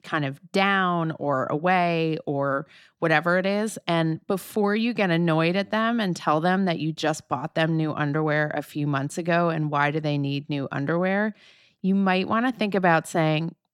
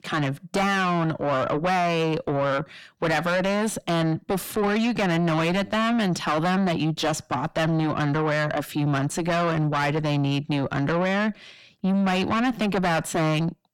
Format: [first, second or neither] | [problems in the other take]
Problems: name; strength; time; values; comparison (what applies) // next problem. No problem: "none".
first | distortion; heavy; 6 dB below the speech